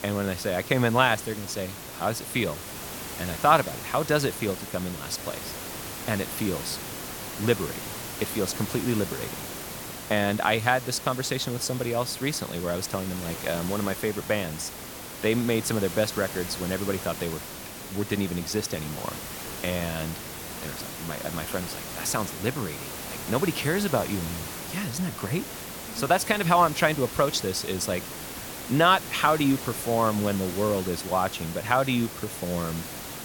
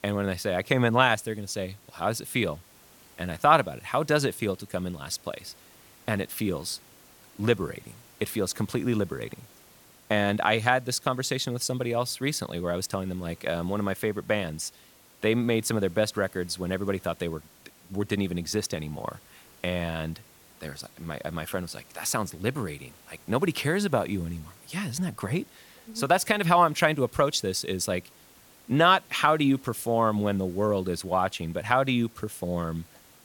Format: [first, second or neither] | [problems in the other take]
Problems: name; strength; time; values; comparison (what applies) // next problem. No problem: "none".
second | hiss; loud; throughout; 8 dB below the speech; faint in the second